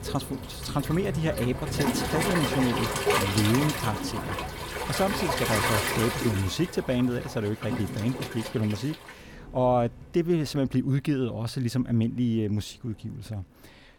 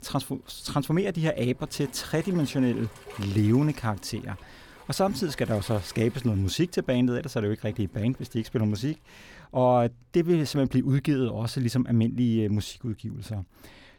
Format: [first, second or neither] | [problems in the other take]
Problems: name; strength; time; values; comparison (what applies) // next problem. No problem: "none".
second | rain or running water; loud; throughout; 2 dB below the speech; faint in the second